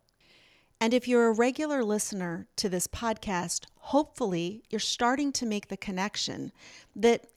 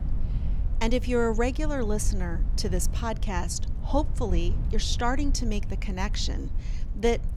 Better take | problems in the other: first | low rumble; noticeable; throughout; 15 dB below the speech

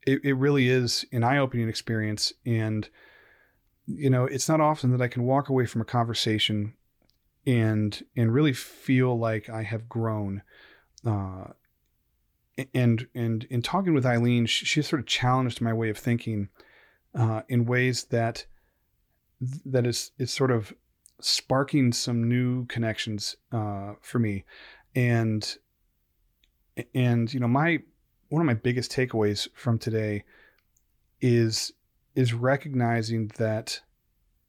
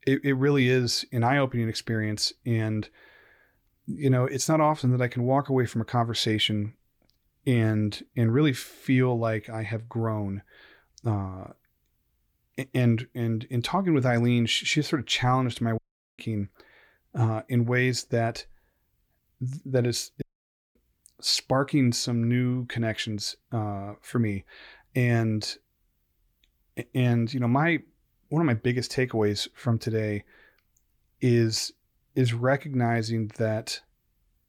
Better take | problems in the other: first | audio cutting out; at 16 s and at 20 s for 0.5 s

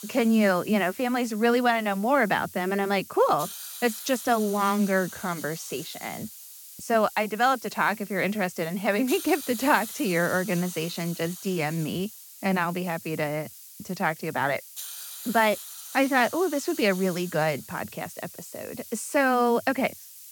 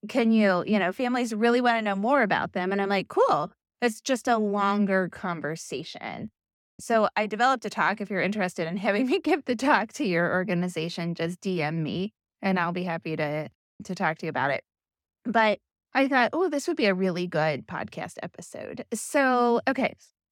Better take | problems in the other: second | hiss; noticeable; throughout; 15 dB below the speech

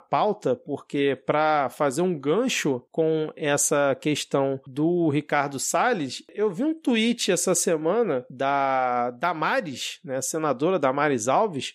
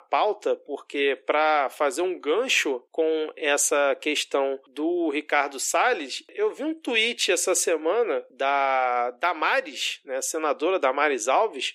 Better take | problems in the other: first | thin; somewhat; fading below 300 Hz

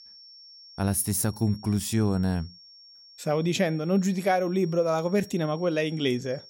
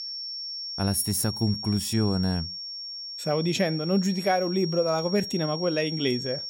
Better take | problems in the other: first | high-pitched whine; loud; throughout; 5.5 kHz, 7 dB below the speech; faint in the first

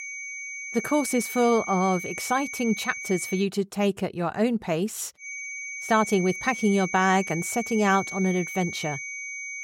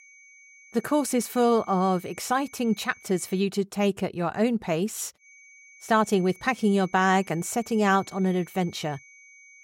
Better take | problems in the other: second | high-pitched whine; loud; until 3.5 s and from 5 s on; 2.5 kHz, 8 dB below the speech; faint in the second

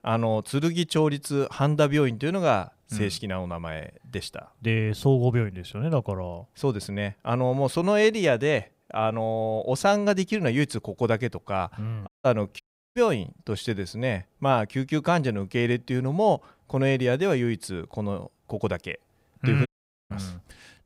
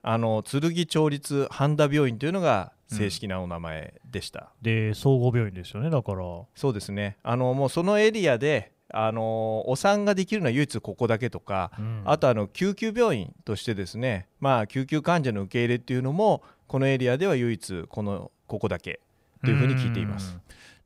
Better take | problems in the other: second | audio cutting out; at 12 s, at 13 s and at 20 s

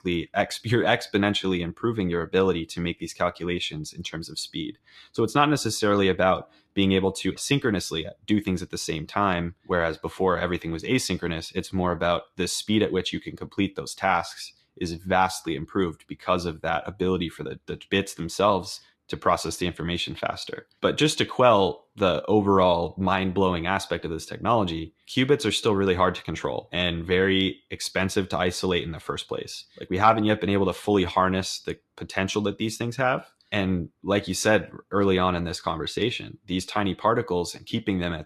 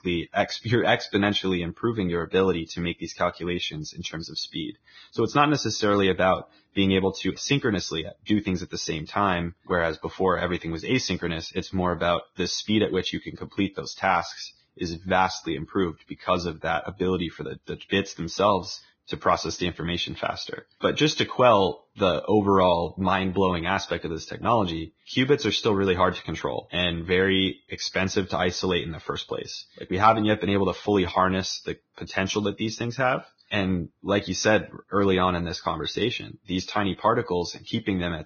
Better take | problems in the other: first | garbled, watery; badly; nothing above 6.5 kHz; slightly in the first

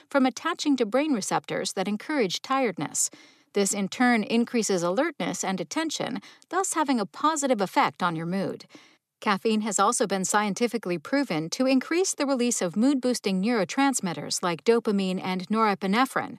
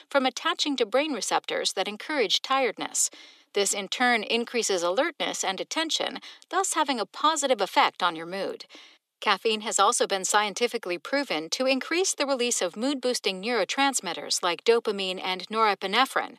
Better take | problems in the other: first | thin; somewhat; fading below 450 Hz

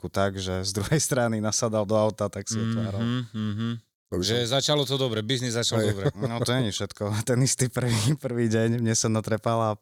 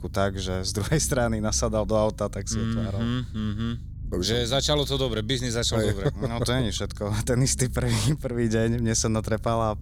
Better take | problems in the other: first | low rumble; faint; throughout; 25 dB below the speech

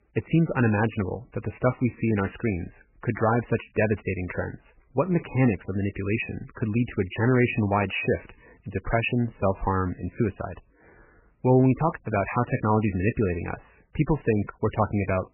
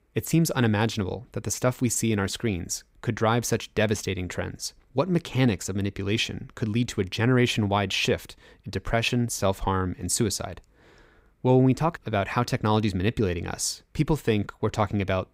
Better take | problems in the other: second | garbled, watery; badly; nothing above 2.5 kHz

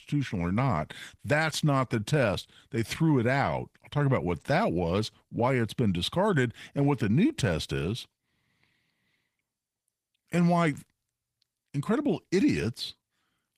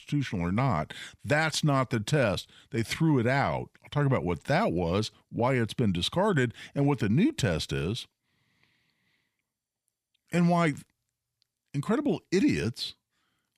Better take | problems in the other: second | garbled, watery; slightly

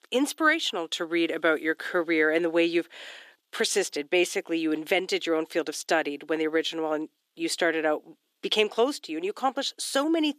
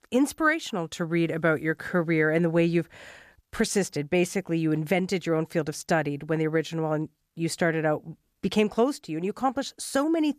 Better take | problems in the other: second | thin; somewhat; fading below 300 Hz

